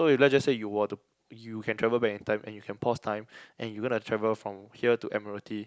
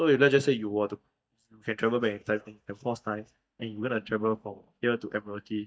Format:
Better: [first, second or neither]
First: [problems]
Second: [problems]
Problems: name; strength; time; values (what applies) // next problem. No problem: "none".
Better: first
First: none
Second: noise reduction (neural mask model DeepFilterNet 3)